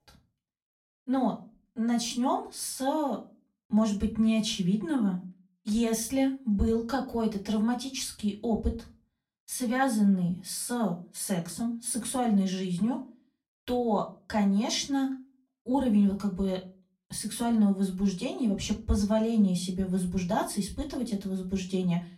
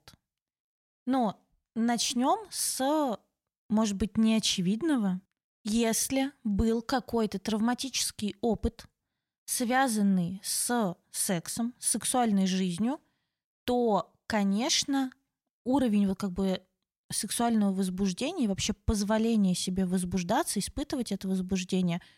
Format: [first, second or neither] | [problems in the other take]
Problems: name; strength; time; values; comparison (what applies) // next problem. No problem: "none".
second | off-mic speech; far // room echo; very slight; dies away in 0.3 s